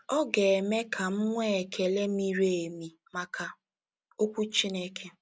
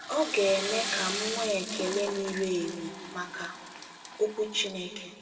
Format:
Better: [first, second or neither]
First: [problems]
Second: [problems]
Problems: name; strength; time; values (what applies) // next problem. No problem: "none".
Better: first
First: none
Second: background sound (Toilet flush / Water); 7 dB below the speech // room echo; dies away in 1.9 s